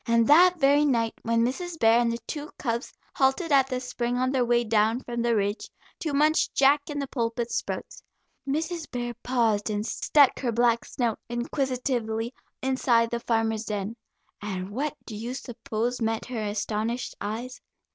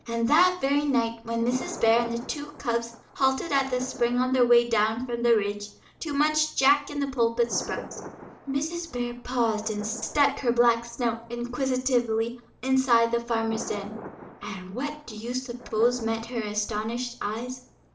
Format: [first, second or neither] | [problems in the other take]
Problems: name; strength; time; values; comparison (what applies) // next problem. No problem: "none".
first | background sound (Thunder); 18 dB below the speech // room echo; dies away in 0.4 s